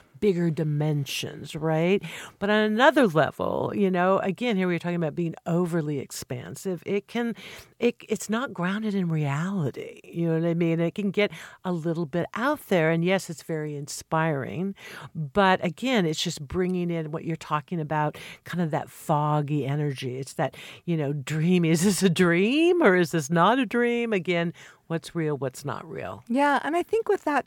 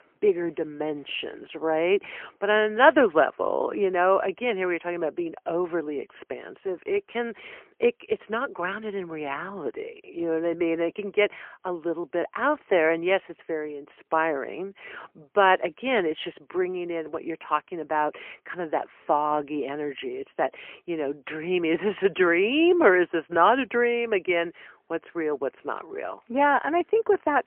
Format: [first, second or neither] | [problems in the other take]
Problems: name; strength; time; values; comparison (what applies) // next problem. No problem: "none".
first | phone-call audio; poor line; nothing above 3 kHz